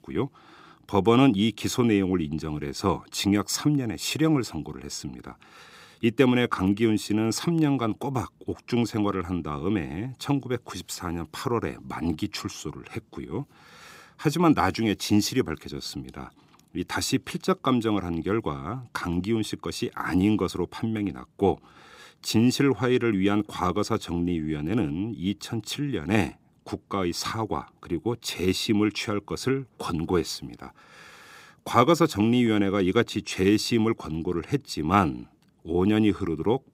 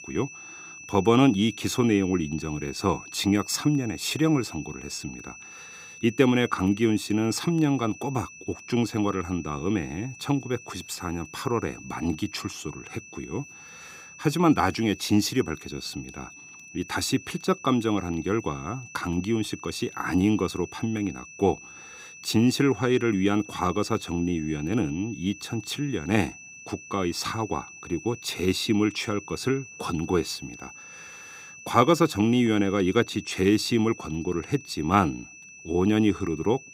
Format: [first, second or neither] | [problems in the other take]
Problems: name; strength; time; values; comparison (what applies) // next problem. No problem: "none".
first | high-pitched whine; noticeable; throughout; 2.5 kHz, 15 dB below the speech